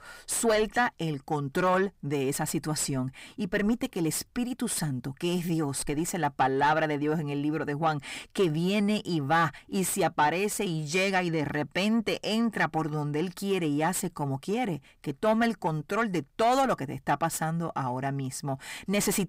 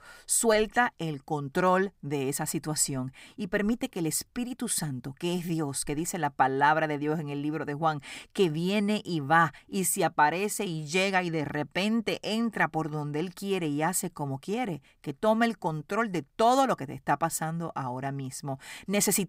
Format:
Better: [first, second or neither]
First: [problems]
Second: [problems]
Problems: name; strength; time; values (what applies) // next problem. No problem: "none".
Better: second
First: distortion; slight; 10 dB below the speech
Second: none